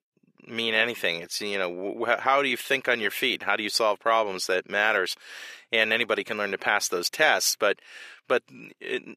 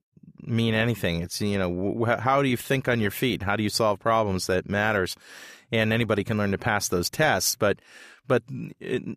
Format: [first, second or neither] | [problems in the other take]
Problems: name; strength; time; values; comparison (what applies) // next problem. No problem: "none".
second | thin; somewhat; fading below 400 Hz